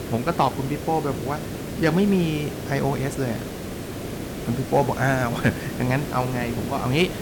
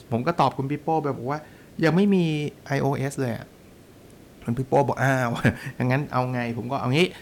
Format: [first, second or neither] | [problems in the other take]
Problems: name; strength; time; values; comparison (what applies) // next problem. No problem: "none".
second | hiss; loud; throughout; 7 dB below the speech; faint in the second